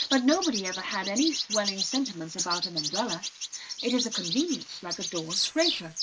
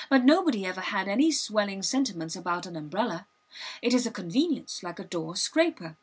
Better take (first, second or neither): second